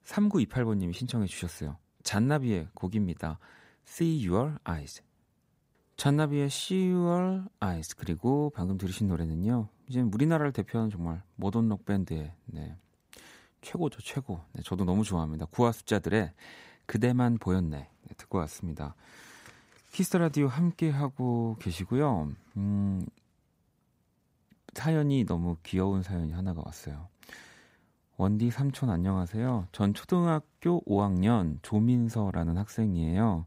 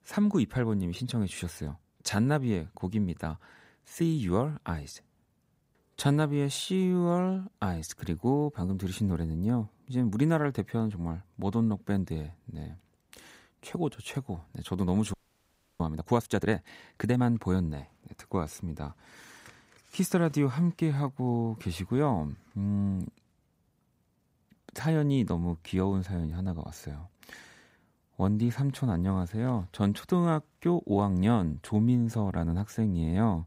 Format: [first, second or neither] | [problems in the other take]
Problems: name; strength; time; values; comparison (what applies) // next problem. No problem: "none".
first | audio freezing; at 15 s for 0.5 s